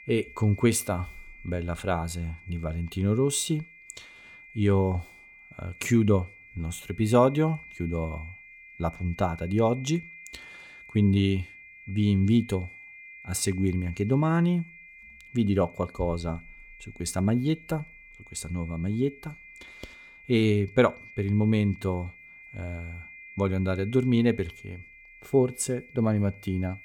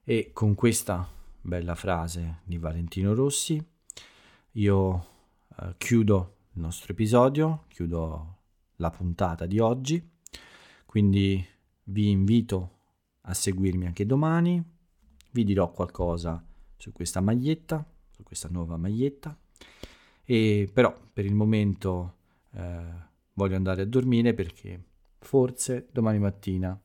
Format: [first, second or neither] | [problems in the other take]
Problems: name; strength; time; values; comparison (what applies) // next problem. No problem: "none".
second | high-pitched whine; noticeable; throughout; 2 kHz, 20 dB below the speech